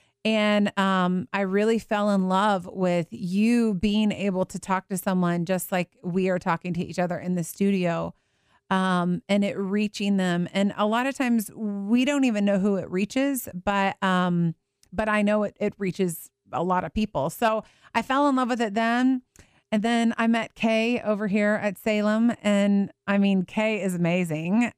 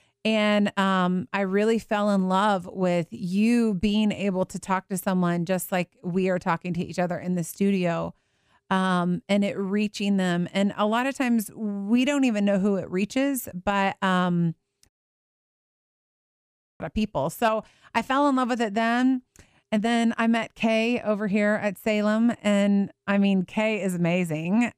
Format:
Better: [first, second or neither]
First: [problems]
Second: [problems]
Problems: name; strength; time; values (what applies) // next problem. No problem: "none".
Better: first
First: none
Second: audio cutting out; at 15 s for 2 s